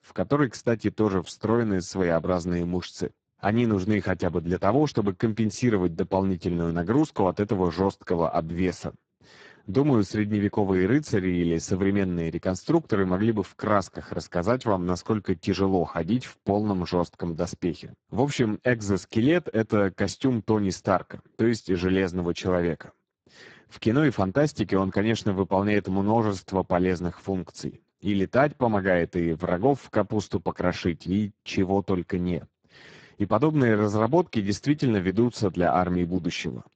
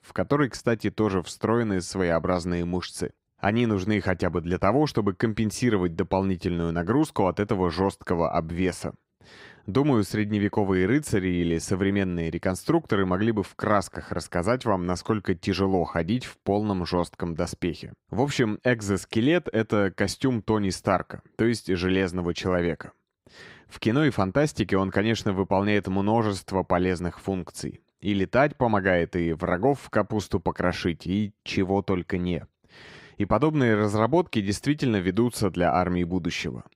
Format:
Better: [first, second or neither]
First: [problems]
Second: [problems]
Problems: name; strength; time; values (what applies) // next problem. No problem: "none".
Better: second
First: garbled, watery; badly; nothing above 7.5 kHz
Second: none